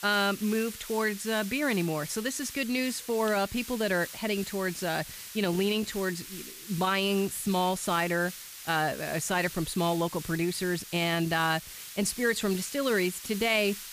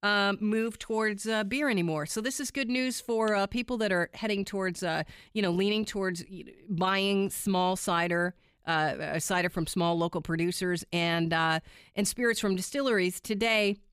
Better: second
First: hiss; noticeable; throughout; 10 dB below the speech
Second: none

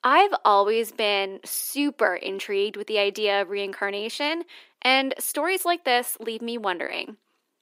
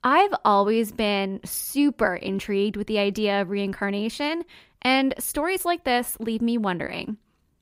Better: second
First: thin; somewhat; fading below 300 Hz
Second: none

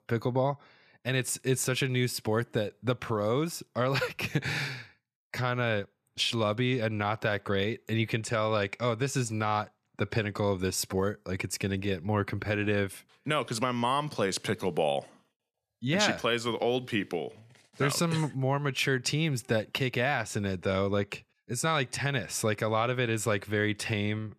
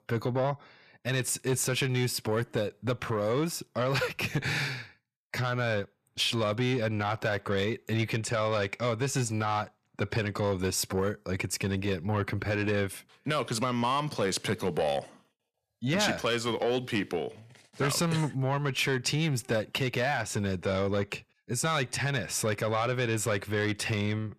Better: first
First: none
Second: distortion; slight; 10 dB below the speech

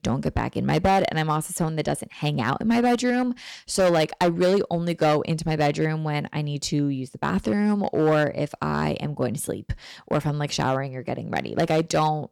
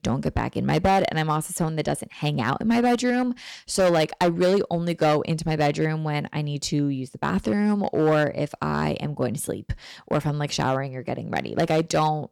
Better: neither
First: distortion; slight; 5% of the sound clipped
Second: distortion; slight; 5% of the sound clipped

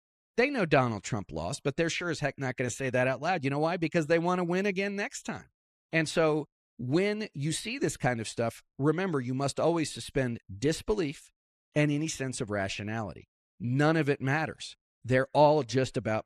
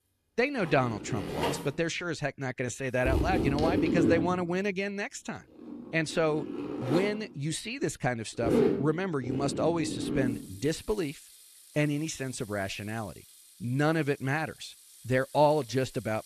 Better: first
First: none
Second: household noises; loud; throughout; 1 dB below the speech

